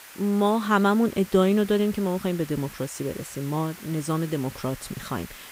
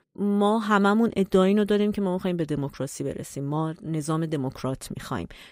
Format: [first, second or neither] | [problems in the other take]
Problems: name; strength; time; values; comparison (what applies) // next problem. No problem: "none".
second | hiss; noticeable; throughout; 15 dB below the speech